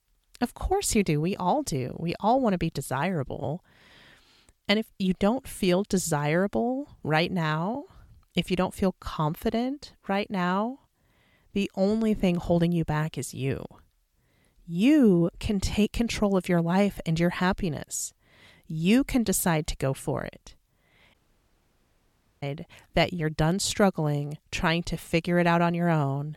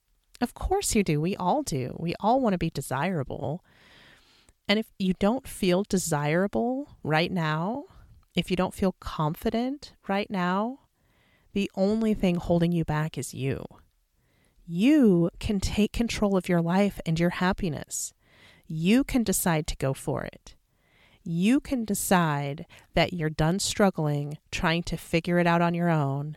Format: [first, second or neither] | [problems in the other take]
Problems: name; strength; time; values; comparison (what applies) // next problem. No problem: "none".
second | audio cutting out; at 21 s for 1.5 s